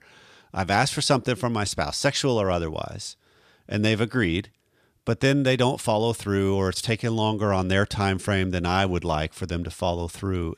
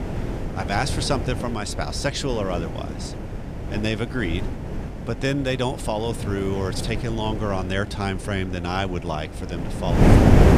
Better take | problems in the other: first | wind noise on the microphone; heavy; 4 dB below the speech

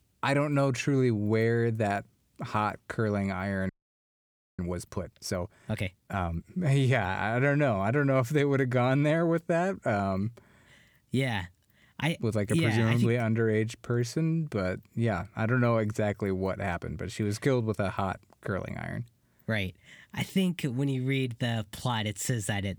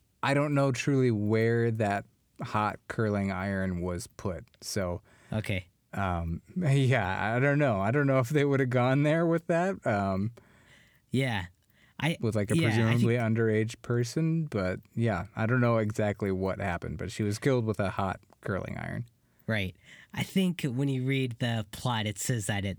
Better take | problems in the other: second | audio freezing; at 3.5 s for 1 s

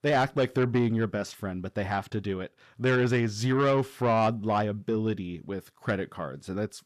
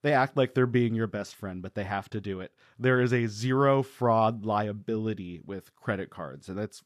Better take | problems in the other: second | distortion; slight; 10 dB below the speech

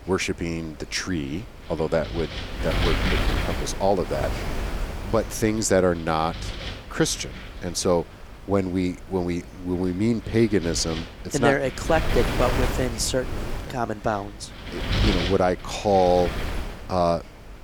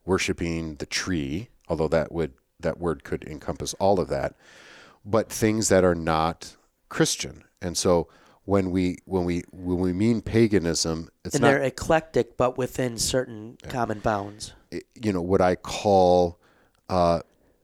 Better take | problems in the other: second | wind noise on the microphone; heavy; 7 dB below the speech

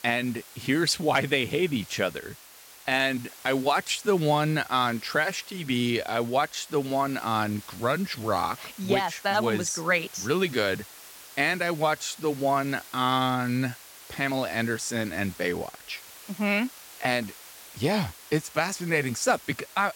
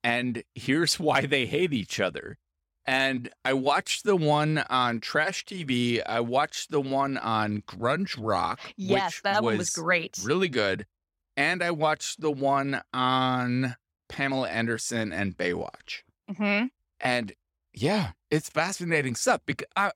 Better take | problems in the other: second | hiss; noticeable; throughout; 20 dB below the speech

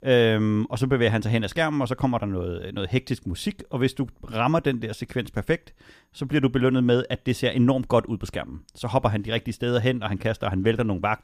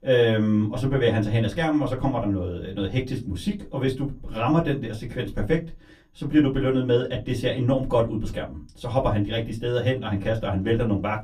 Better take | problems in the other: first | off-mic speech; far // room echo; very slight; dies away in 0.2 s

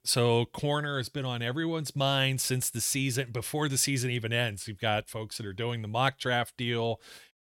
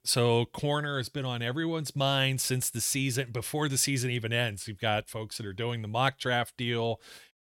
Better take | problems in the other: neither | none

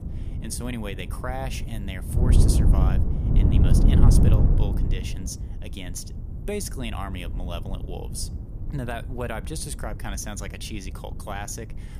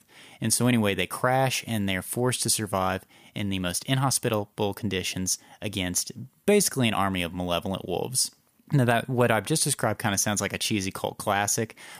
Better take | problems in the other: second | wind noise on the microphone; heavy; 1 dB below the speech

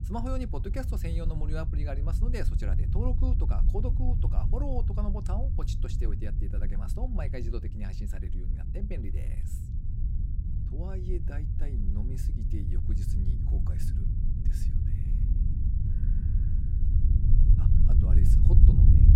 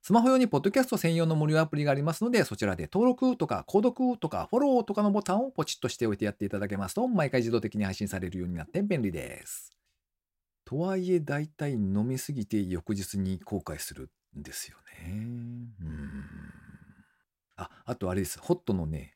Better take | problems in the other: second | low rumble; loud; throughout; 2 dB below the speech

